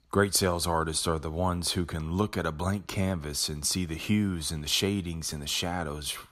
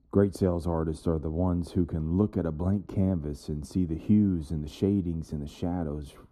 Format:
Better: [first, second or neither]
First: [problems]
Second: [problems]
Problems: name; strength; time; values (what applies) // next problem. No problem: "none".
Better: first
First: none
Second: muffled; very; fading above 1 kHz